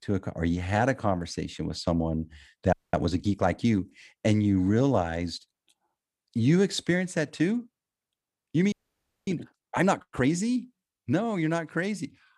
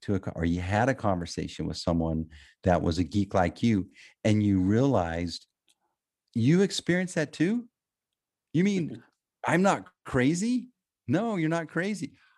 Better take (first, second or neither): second